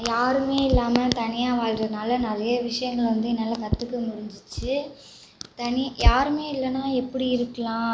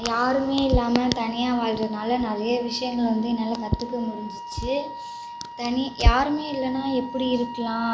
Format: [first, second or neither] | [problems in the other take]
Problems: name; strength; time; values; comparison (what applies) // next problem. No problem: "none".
first | background sound (Wind instrument, woodwind instrument); 14 dB below the speech